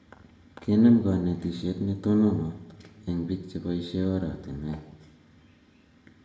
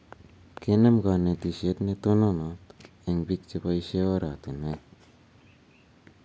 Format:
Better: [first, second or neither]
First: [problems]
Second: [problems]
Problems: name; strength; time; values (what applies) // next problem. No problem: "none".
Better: second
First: room echo; dies away in 1 s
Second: none